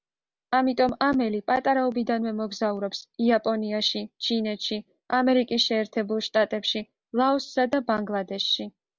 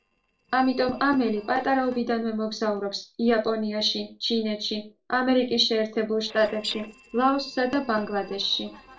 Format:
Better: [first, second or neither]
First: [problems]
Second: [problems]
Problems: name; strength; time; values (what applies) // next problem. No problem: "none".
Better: first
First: none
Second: noise reduction (neural separator model SepFormer DNS4)